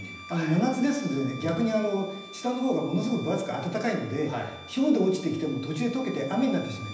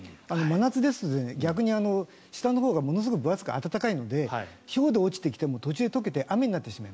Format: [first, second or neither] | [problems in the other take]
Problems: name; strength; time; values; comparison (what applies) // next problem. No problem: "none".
second | background sound (Bowed string instrument); 17 dB below the speech // room echo; dies away in 0.9 s